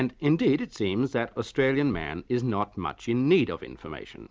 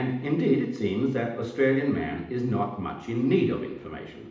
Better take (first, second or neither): first